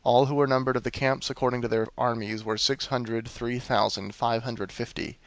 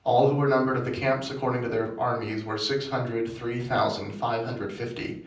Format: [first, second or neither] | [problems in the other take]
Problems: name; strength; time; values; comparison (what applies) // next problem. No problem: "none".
first | room echo; dies away in 0.6 s